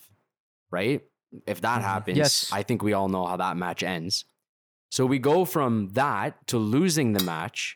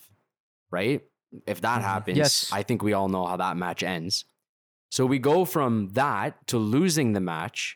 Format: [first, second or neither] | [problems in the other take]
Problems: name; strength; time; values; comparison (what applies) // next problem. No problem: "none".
second | clattering dishes; noticeable; at 7 s; peak 6 dB below the speech